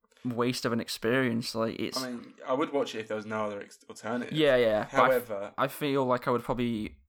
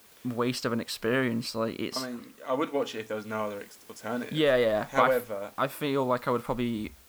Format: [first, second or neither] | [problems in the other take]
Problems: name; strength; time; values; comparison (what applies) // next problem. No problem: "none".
first | hiss; faint; throughout; 25 dB below the speech